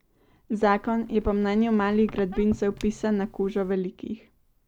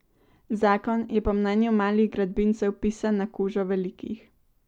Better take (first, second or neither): second